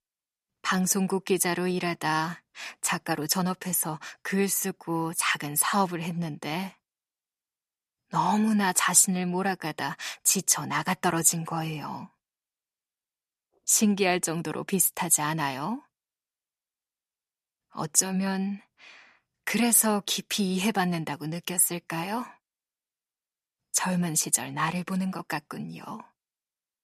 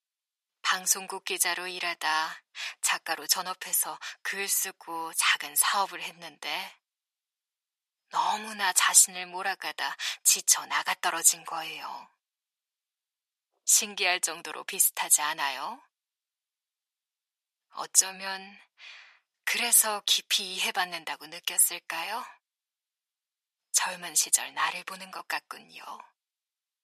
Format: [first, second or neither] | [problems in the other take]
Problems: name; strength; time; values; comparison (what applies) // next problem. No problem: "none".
first | thin; very; fading below 800 Hz